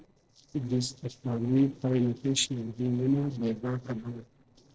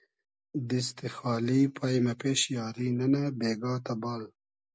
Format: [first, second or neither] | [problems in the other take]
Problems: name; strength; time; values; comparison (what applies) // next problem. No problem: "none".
second | noise reduction (neural separator model SepFormer DNS4)